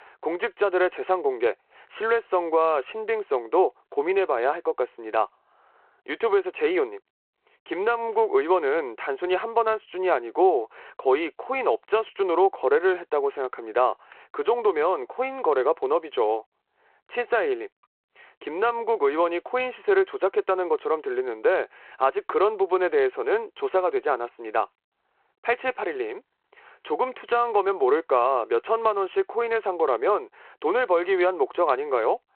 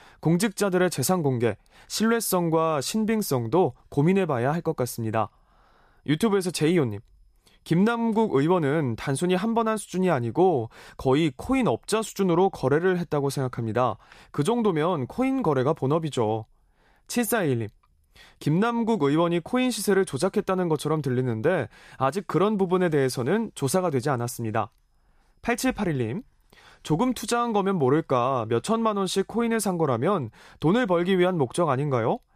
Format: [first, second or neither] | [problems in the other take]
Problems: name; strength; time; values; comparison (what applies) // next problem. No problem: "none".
second | phone-call audio